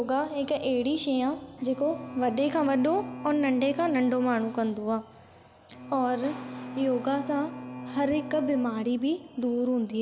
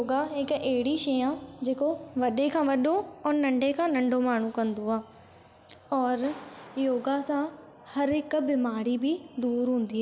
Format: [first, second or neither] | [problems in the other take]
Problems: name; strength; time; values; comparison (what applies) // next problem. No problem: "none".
second | background sound (Bowed string instrument); 13 dB below the speech